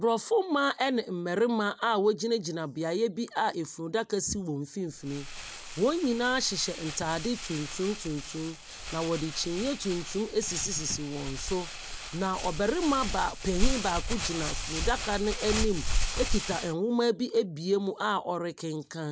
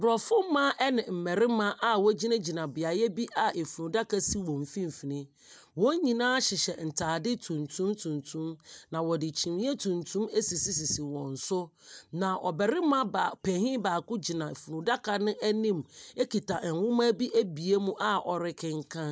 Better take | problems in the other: second | background sound (Crumpling, crinkling); 5 dB below the speech

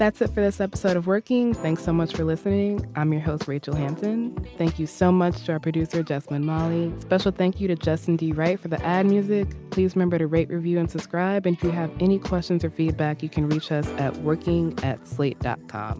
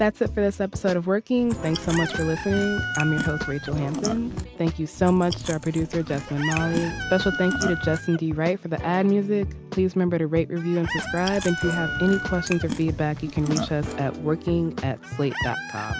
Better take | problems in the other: first | background sound (Chicken, rooster + Chewing, mastication); 9 dB below the speech

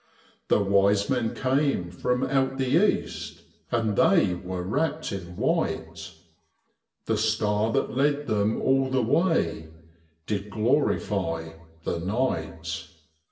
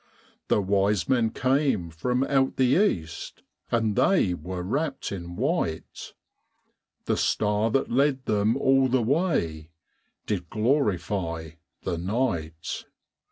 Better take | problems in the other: second | room echo; dies away in 0.7 s

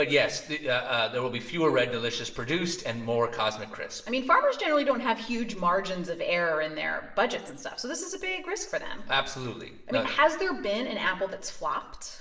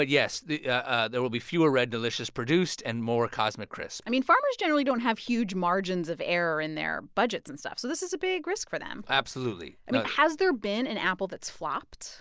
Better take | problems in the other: second | room echo; dies away in 0.8 s

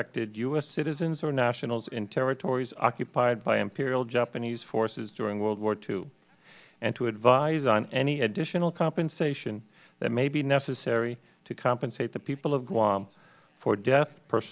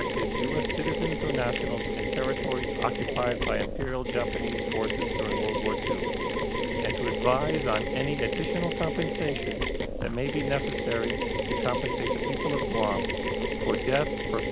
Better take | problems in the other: first | background sound (Mechanisms); 2 dB above the speech

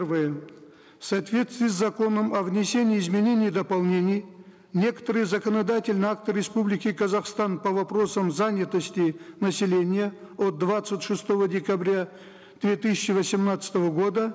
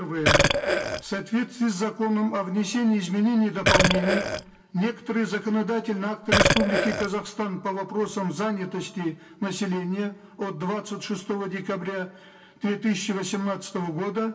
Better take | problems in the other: first | background sound (Burping, eructation); 4 dB above the speech // room echo; dies away in 0.2 s

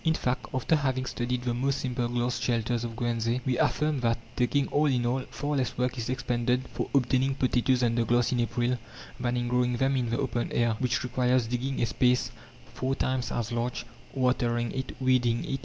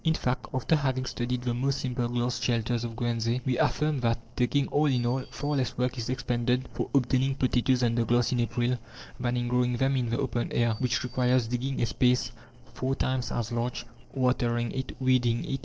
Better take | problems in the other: first | noise reduction (neural separator model SepFormer DNS4)

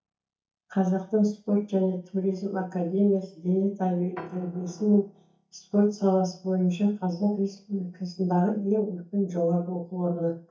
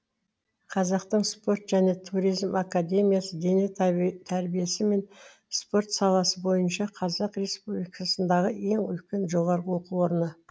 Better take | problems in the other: second | noise reduction (neural mask model DeepFilterNet 3)

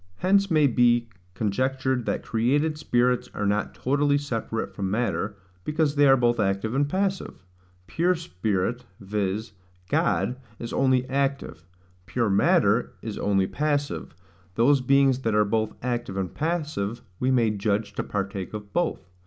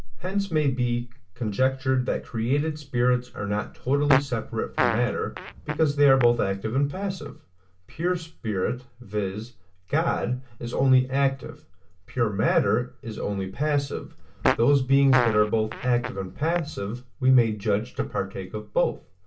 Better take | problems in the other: first | background sound (Fart); 7 dB below the speech // room echo; dies away in 0.2 s

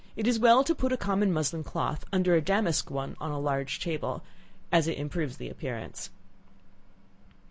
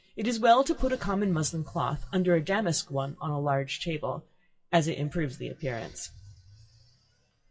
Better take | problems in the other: first | noise reduction (classical method WPE with log-MMSE)

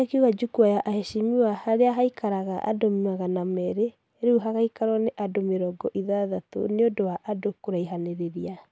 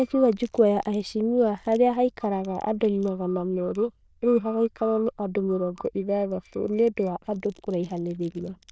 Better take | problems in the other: first | noise reduction (neural diffusion model UNIVERSE++)

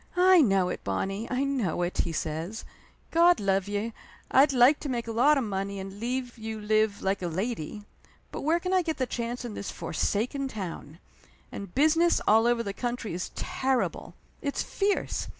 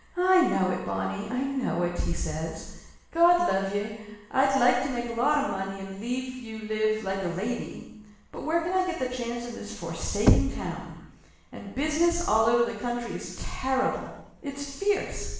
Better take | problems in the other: first | background sound (Knock / Wood); 1 dB below the speech // room echo; dies away in 0.9 s

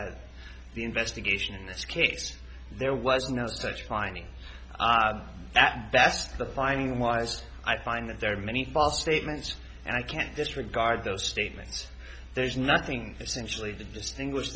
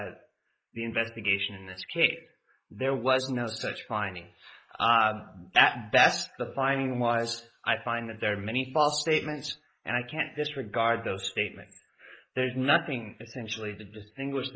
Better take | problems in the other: first | noise reduction (neural mask model Resemble Enhance denoiser)

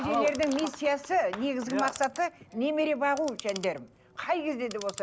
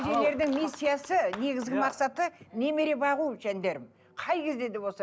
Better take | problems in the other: second | background sound (Clock); 18 dB below the speech

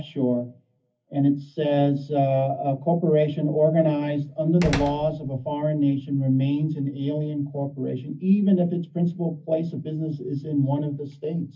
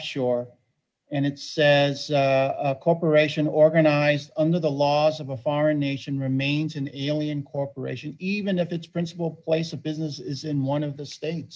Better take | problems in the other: second | background sound (Slam); 10 dB below the speech // room echo; dies away in 0.3 s

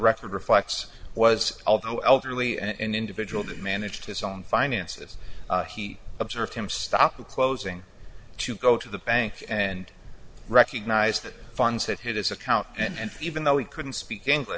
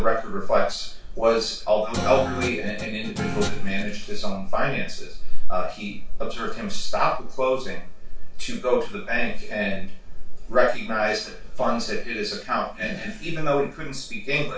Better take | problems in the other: first | background sound (Guitar); 11 dB below the speech // room echo; dies away in 0.3 s

